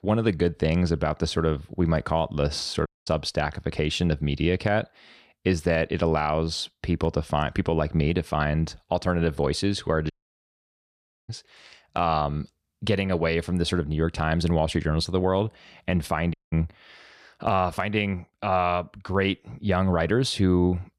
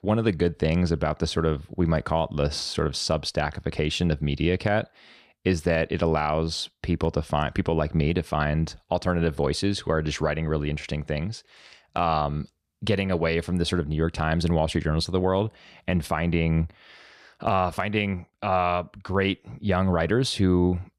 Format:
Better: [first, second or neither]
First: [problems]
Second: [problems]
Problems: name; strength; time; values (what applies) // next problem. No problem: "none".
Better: second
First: audio cutting out; at 3 s, at 10 s for 1 s and at 16 s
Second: none